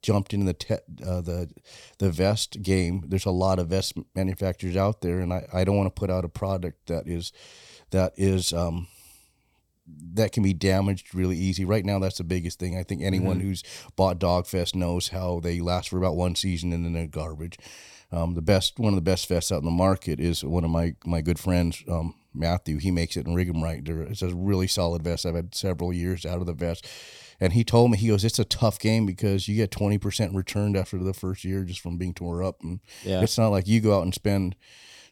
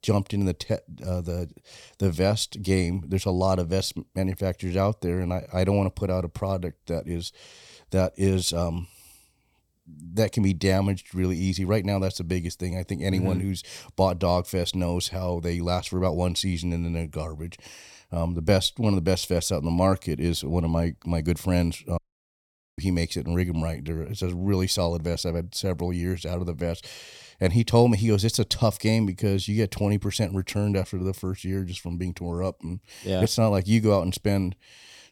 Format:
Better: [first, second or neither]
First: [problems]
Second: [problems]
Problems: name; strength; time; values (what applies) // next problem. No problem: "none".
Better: first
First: none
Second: audio cutting out; at 22 s for 1 s